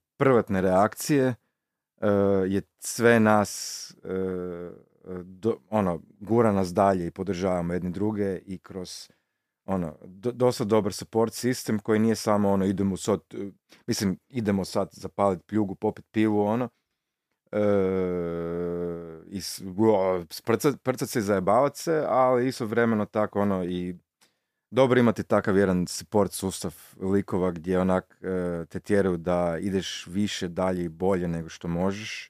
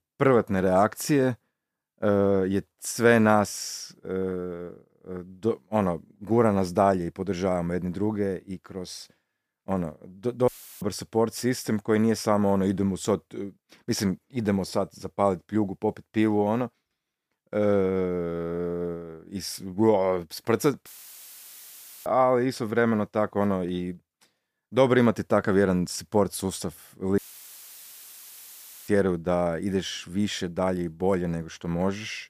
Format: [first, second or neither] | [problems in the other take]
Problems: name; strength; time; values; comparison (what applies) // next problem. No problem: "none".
first | audio cutting out; filled with static; at 10 s, at 21 s for 1 s and at 27 s for 1.5 s